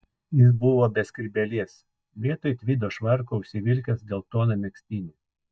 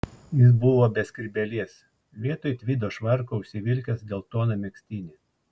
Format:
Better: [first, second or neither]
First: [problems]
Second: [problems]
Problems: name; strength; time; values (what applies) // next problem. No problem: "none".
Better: second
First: noise reduction (neural mask model DeepFilterNet 3)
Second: none